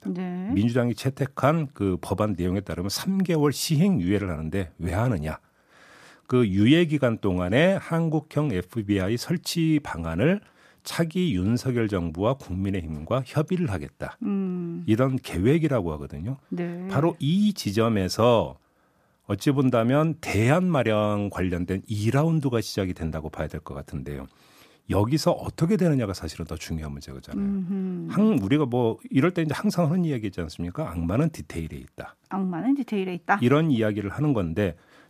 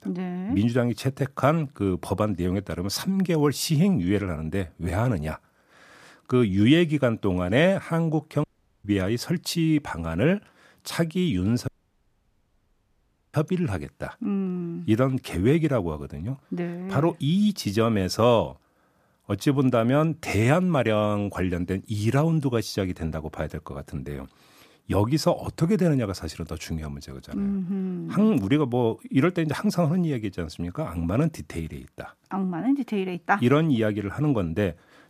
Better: first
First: none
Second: audio cutting out; at 8.5 s and at 12 s for 1.5 s

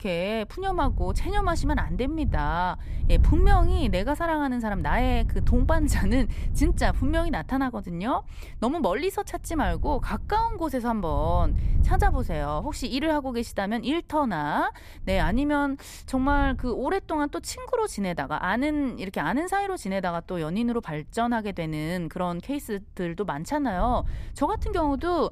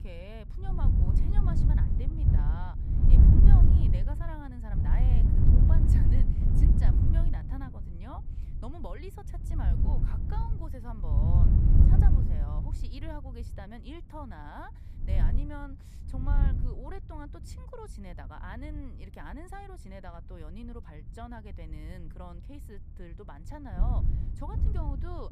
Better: first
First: wind noise on the microphone; occasional gusts; 20 dB below the speech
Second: wind noise on the microphone; heavy; 4 dB above the speech

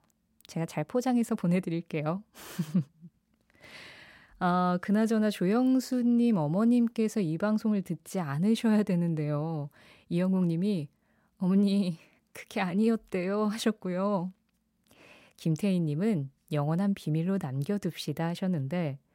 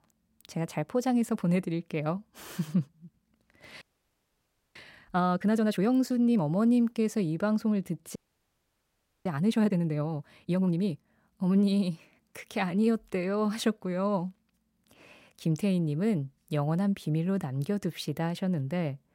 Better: first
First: none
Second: audio freezing; at 4 s for 1 s and at 8 s for 1 s

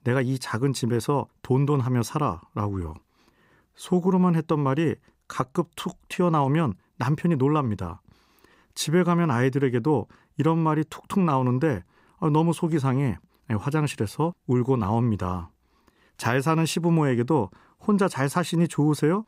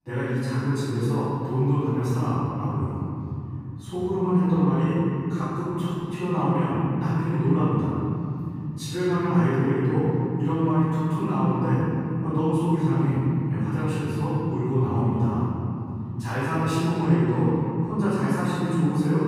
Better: first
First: none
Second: room echo; strong; dies away in 3 s // off-mic speech; far

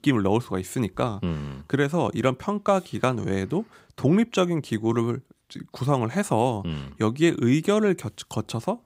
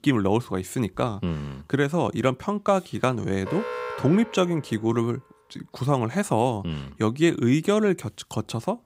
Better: first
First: none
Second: alarm; noticeable; from 3.5 to 5 s; peak 6 dB below the speech

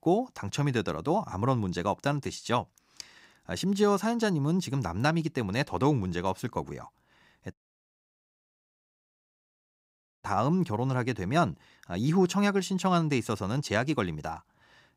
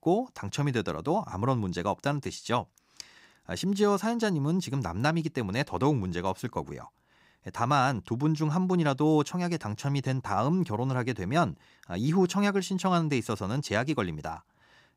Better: second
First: audio cutting out; at 7.5 s for 2.5 s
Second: none

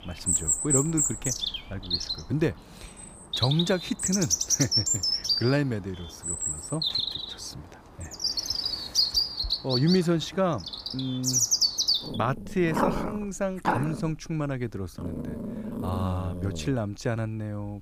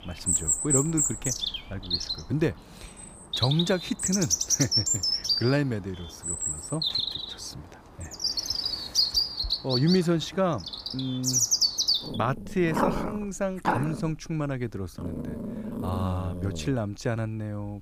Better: neither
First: animal sounds; very loud; throughout; 3 dB above the speech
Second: animal sounds; very loud; throughout; 3 dB above the speech

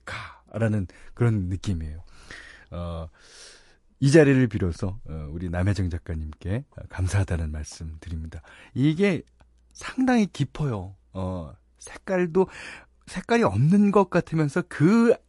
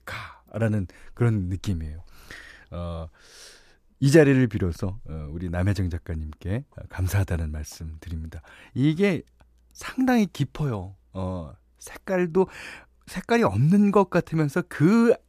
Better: second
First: garbled, watery; slightly; nothing above 11 kHz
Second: none

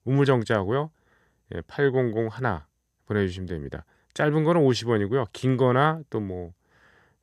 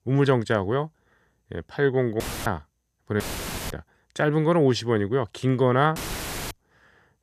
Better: first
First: none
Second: audio cutting out; filled with static; at 2 s, at 3 s for 0.5 s and at 6 s for 0.5 s

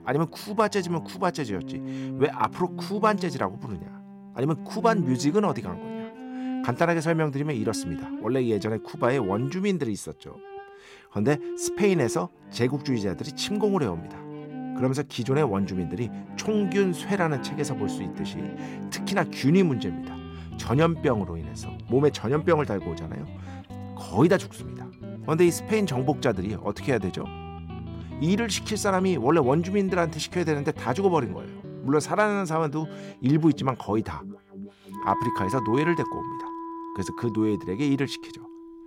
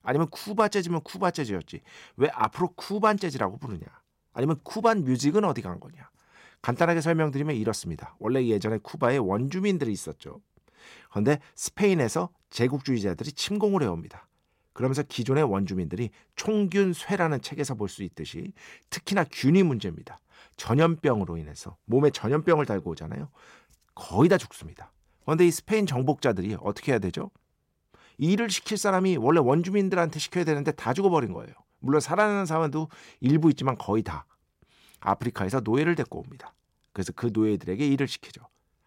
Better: second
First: background music; noticeable; throughout; 10 dB below the speech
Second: none

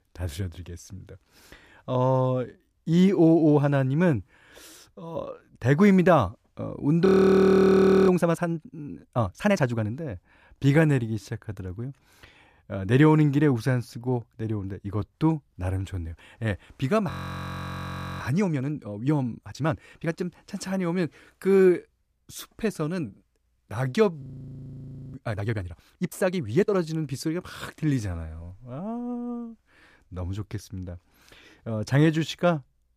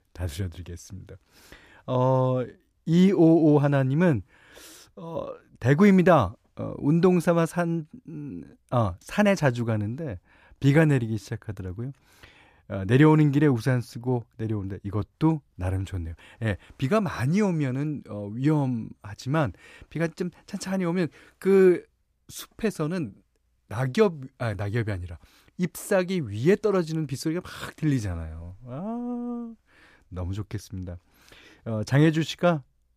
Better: second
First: audio freezing; at 7 s for 1 s, at 17 s for 1 s and at 24 s for 1 s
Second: none

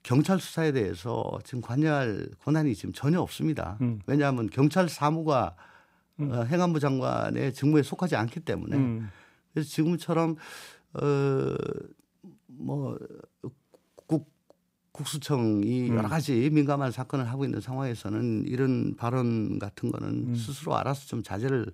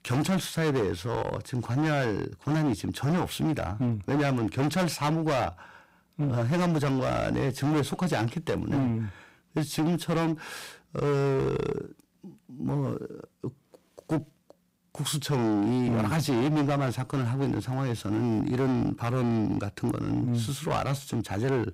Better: first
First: none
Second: distortion; heavy; 17% of the sound clipped

